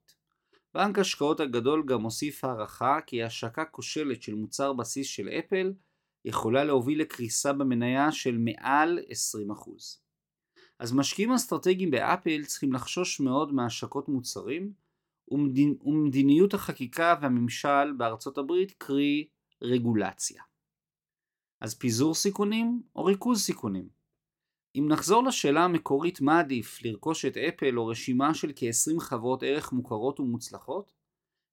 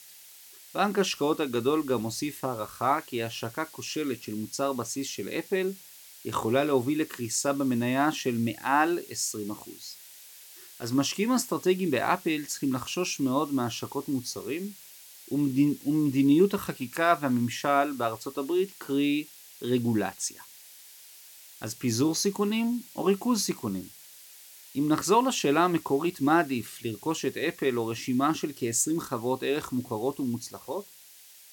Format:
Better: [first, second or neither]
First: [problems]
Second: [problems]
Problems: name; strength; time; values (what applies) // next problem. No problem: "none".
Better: first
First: none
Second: hiss; noticeable; throughout; 20 dB below the speech